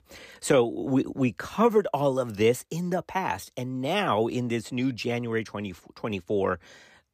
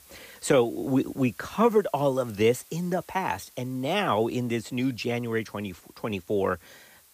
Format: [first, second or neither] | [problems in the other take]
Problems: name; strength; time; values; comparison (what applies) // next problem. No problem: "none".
first | hiss; faint; throughout; 25 dB below the speech